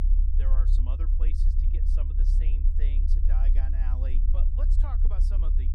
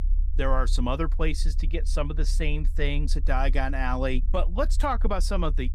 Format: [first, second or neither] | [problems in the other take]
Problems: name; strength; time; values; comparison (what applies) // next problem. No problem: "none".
second | low rumble; loud; throughout; 1 dB below the speech; faint in the second